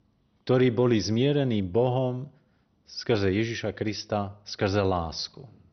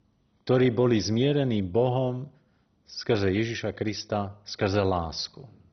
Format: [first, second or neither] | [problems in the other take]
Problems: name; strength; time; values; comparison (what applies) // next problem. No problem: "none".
first | garbled, watery; badly; nothing above 6 kHz; slightly in the first